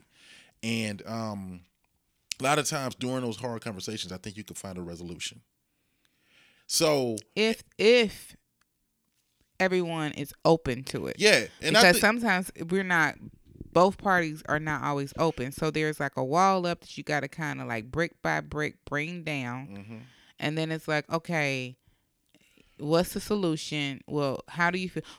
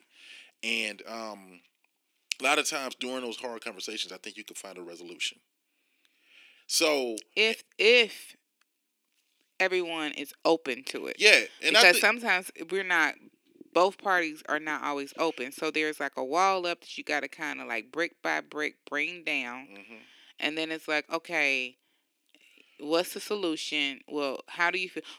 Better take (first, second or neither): first